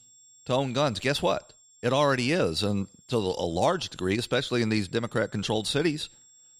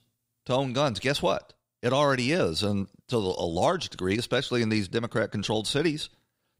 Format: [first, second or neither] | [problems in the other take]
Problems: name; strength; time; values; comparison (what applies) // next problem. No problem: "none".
second | high-pitched whine; faint; throughout; 7.5 kHz, 25 dB below the speech